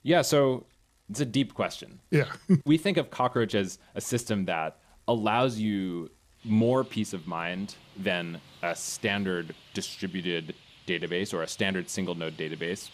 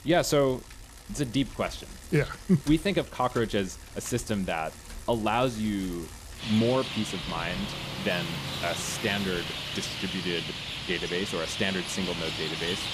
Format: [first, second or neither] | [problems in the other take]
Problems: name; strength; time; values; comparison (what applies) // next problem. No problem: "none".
first | traffic noise; loud; throughout; 6 dB below the speech; faint in the first